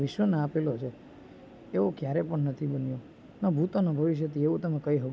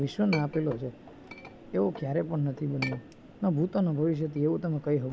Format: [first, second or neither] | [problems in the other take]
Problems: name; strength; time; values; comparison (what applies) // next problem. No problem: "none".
first | background sound (Chink, clink); 15 dB below the speech